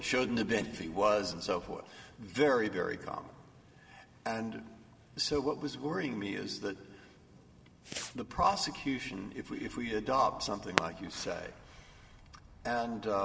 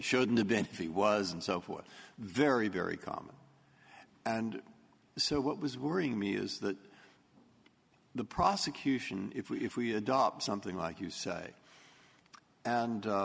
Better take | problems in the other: second | background sound (Fireworks); 13 dB below the speech // room echo; dies away in 2.1 s

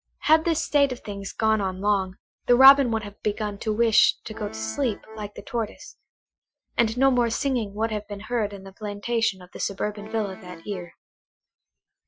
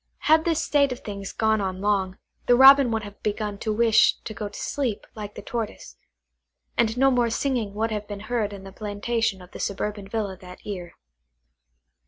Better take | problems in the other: second | noise reduction (classical method Wiener filter)

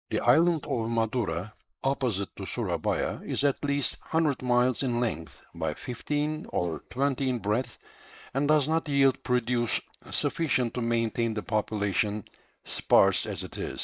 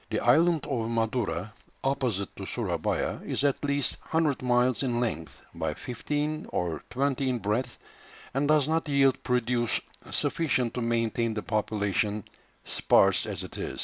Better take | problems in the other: second | noise reduction (neural mask model Resemble Enhance denoiser)

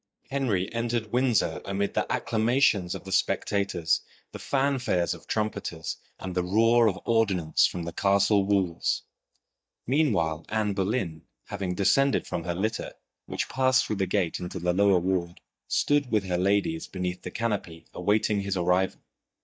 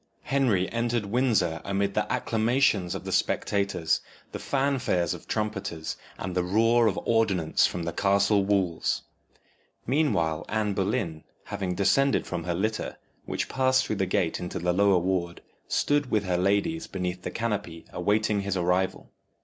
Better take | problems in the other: second | noise reduction (neural mask model DeepFilterNet 3)

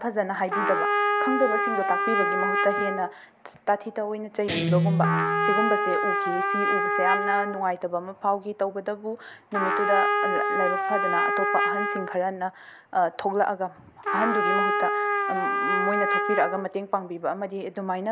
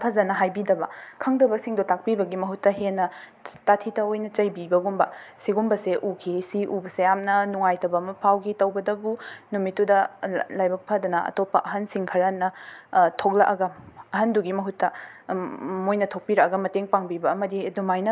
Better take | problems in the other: second | background sound (Guitar + Trumpet); 2 dB above the speech

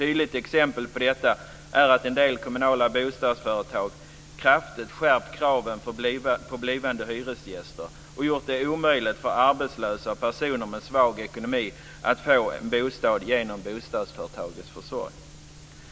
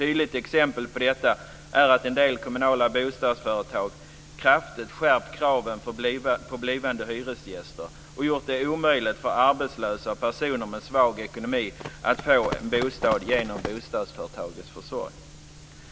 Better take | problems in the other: first | background sound (Run); 10 dB below the speech

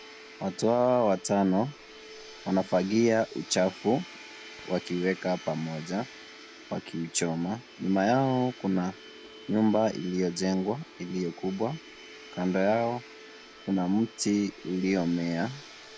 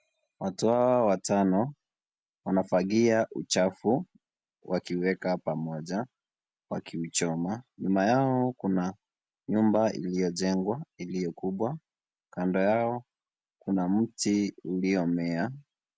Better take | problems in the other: second | background sound (Domestic sounds, home sounds); 18 dB below the speech

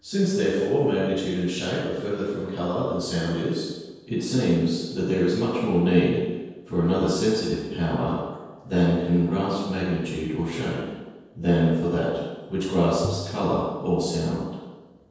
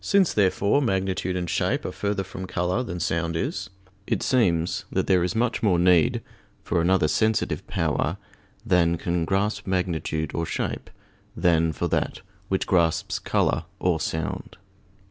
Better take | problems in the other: second | noise reduction (neural separator model SepFormer DNS4)

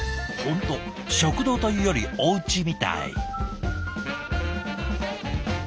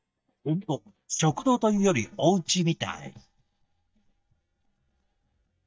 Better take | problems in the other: first | noise reduction (neural mask model DeepFilterNet 3)

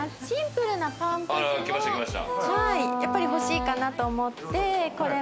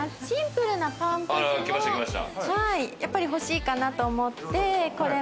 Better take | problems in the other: second | background sound (Wind instrument, woodwind instrument); 3 dB below the speech

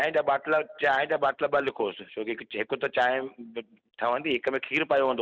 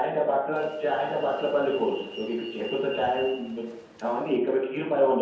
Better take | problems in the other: first | background sound (Alarm); 17 dB below the speech // room echo; dies away in 0.9 s

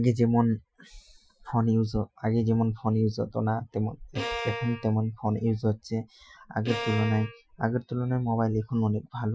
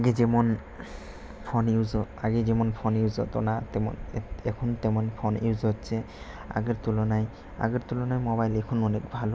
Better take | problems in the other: second | noise reduction (classical method Wiener filter)

